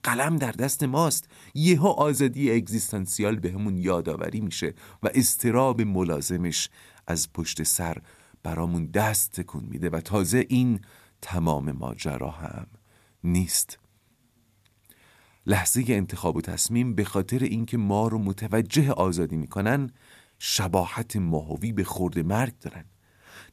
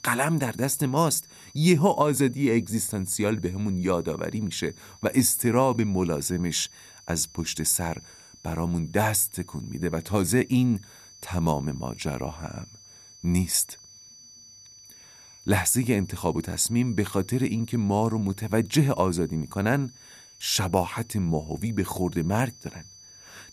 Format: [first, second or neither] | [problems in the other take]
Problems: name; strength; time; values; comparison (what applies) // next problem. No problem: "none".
first | high-pitched whine; faint; throughout; 6 kHz, 25 dB below the speech